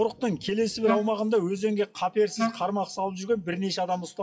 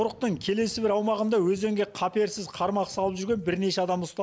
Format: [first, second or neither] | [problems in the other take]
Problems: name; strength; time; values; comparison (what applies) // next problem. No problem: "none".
second | noise reduction (classical method WPE with log-MMSE)